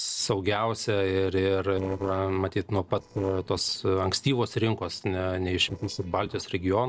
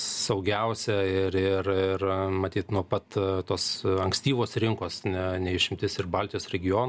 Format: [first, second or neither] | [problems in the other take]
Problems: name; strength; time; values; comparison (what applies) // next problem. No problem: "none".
second | noise reduction (neural separator model SepFormer DNS4)